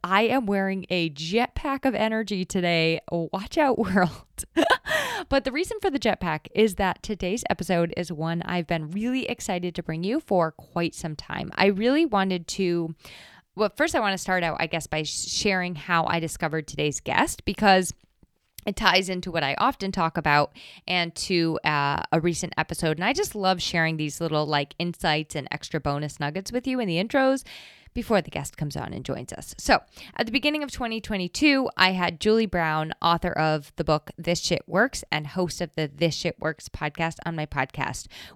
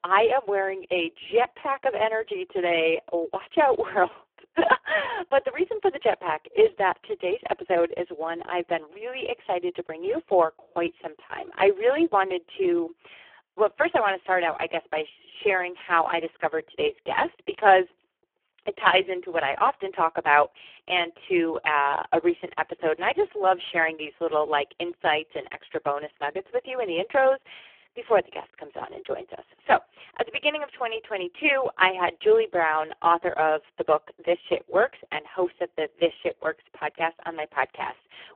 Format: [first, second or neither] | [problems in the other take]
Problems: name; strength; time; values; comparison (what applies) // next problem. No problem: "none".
first | phone-call audio; poor line